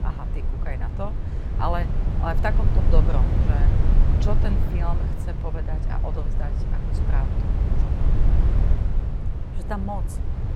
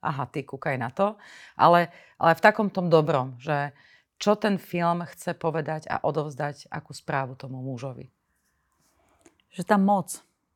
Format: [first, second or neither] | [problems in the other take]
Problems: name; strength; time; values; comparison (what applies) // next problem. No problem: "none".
second | wind noise on the microphone; heavy; 4 dB below the speech